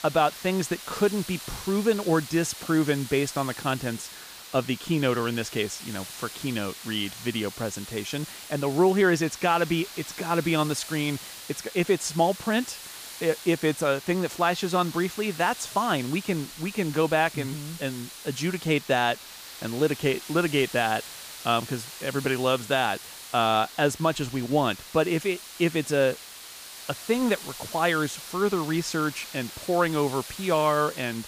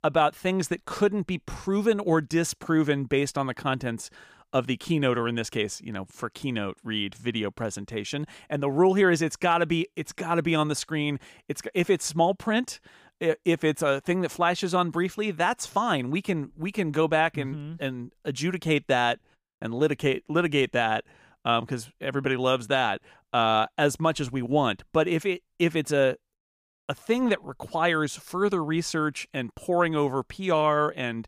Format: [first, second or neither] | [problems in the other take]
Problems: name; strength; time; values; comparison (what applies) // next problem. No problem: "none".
second | hiss; noticeable; throughout; 10 dB below the speech